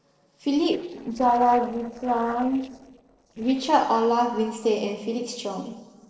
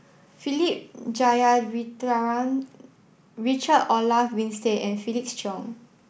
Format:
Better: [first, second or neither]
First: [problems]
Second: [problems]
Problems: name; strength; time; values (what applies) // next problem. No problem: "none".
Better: second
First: noise reduction (neural separator model SepFormer DNS4)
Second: none